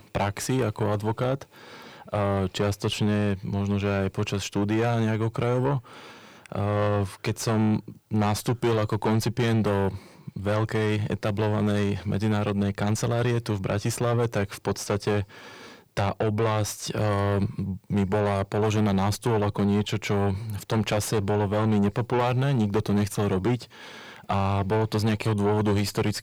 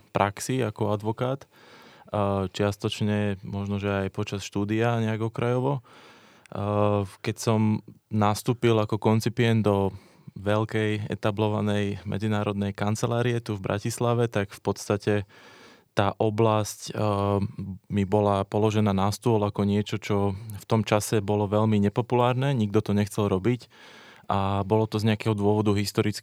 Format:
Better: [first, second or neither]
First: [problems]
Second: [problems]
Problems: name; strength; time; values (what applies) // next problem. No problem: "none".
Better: second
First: distortion; heavy; 8 dB below the speech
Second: none